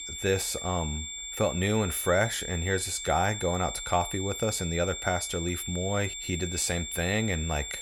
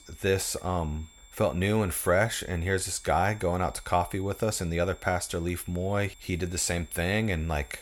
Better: second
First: high-pitched whine; loud; throughout; 3.5 kHz, 6 dB below the speech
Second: high-pitched whine; faint; throughout; 3.5 kHz, 25 dB below the speech

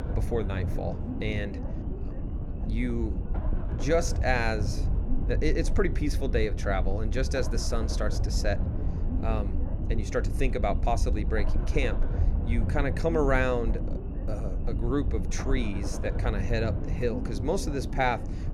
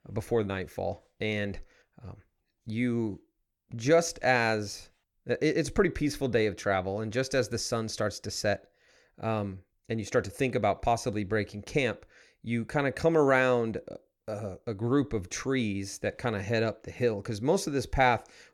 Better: second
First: low rumble; noticeable; throughout; 10 dB below the speech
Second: none

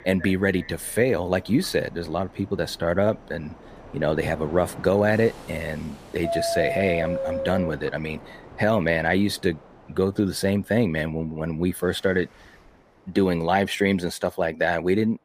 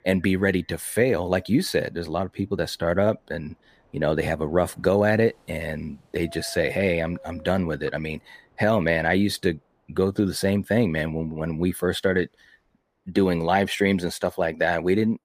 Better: second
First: train or aircraft noise; loud; throughout; 9 dB below the speech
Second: train or aircraft noise; faint; throughout; 25 dB below the speech

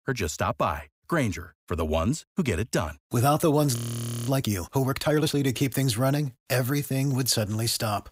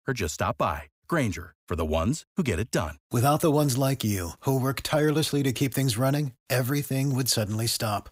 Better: second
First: audio freezing; at 4 s for 0.5 s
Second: none

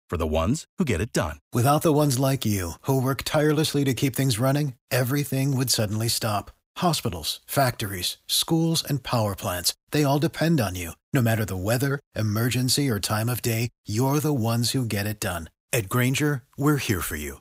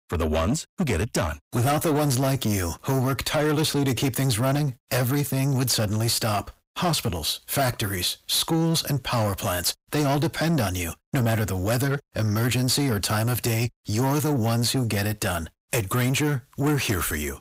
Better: first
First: none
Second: distortion; slight; 10 dB below the speech

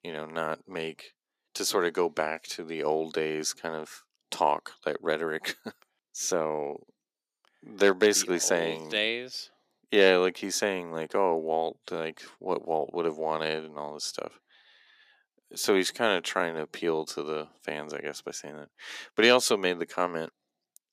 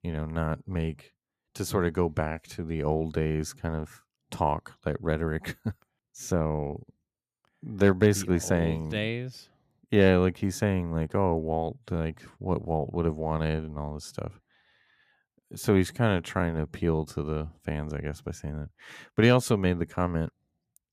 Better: second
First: thin; somewhat; fading below 350 Hz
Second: none

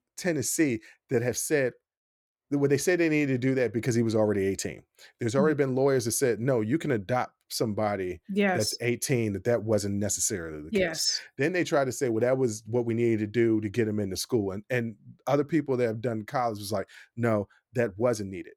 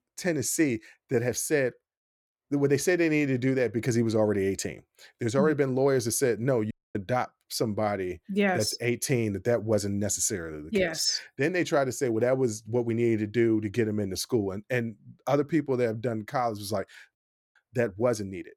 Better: first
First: none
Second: audio cutting out; at 6.5 s and at 17 s

